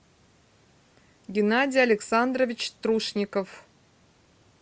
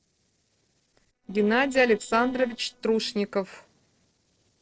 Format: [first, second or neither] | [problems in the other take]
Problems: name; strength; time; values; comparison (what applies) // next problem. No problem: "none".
first | noise reduction (neural separator model SepFormer DNS4)